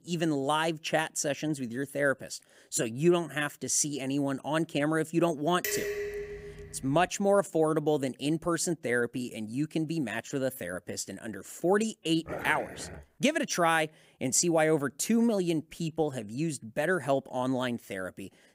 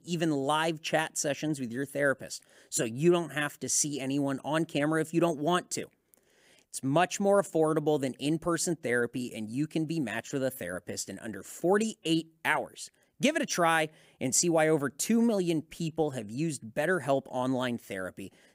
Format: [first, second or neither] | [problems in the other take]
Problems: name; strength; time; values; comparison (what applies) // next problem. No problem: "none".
second | clattering dishes; noticeable; from 5.5 to 7 s; peak 3 dB below the speech // dog barking; noticeable; at 12 s; peak 9 dB below the speech